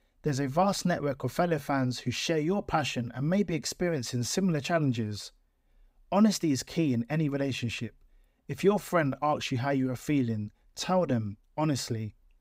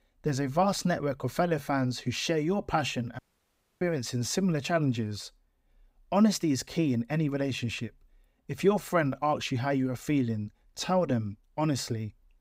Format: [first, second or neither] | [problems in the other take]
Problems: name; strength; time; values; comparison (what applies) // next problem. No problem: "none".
first | audio cutting out; at 3 s for 0.5 s